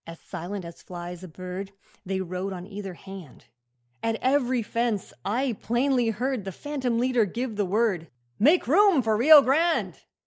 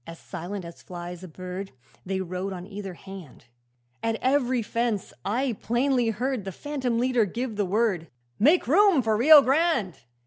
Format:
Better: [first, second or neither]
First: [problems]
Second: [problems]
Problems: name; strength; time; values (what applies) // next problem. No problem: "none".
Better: second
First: noise reduction (neural mask model Resemble Enhance denoiser)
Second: none